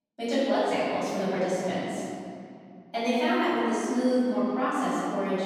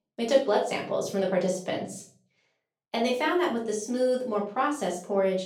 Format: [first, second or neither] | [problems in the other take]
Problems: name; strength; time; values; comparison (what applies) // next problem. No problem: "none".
second | room echo; strong; dies away in 2.3 s; slight in the second // off-mic speech; far; far in the second